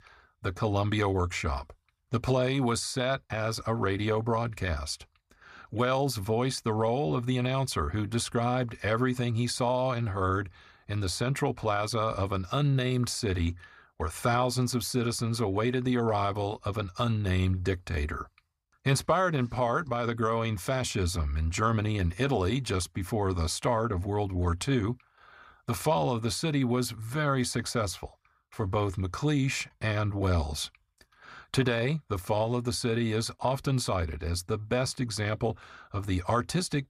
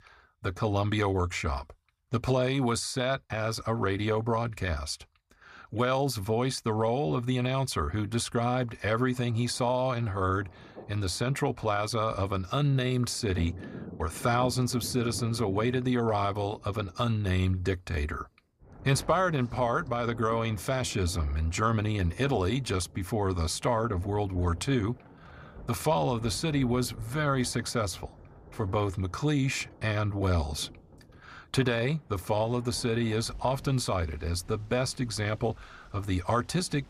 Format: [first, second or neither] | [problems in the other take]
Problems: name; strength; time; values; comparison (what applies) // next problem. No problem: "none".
first | rain or running water; noticeable; from 9 s on; 20 dB below the speech